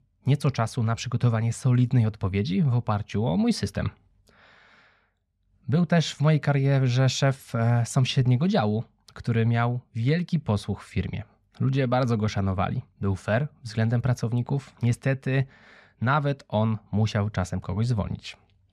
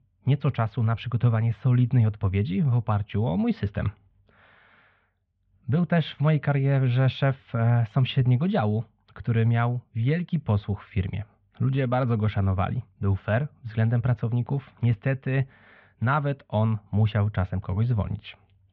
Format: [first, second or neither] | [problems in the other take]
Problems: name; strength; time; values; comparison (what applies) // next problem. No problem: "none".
first | muffled; very; fading above 3.5 kHz